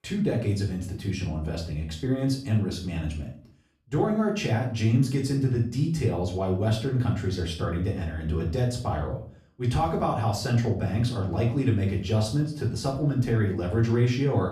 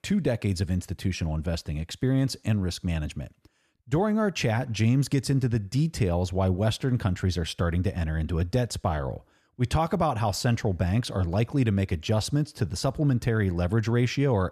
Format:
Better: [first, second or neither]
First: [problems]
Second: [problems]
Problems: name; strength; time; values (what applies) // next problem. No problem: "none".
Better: second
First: off-mic speech; far // room echo; slight; dies away in 0.4 s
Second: none